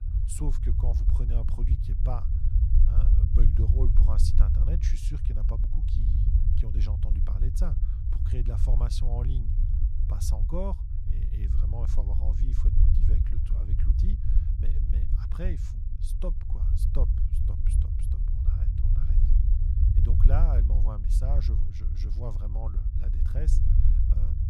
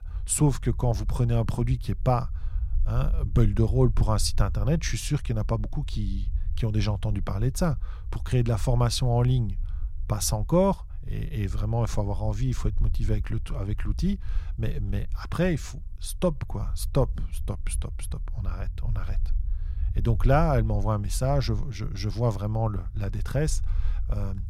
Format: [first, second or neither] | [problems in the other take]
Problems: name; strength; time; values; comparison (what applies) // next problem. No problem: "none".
second | low rumble; loud; throughout; 2 dB below the speech; faint in the second